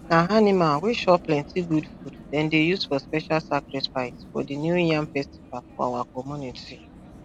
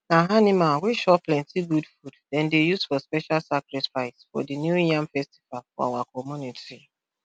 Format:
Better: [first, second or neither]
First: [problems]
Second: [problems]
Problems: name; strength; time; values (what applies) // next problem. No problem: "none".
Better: second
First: background sound (Vehicle); 19 dB below the speech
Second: none